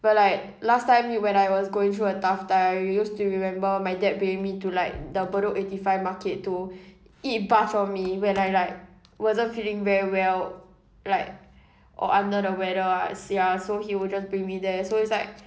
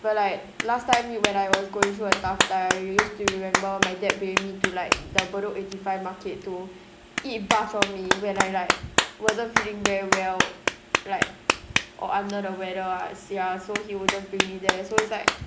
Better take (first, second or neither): first